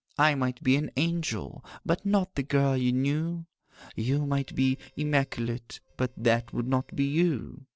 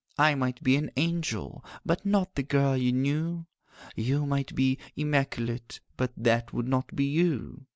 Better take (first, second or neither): second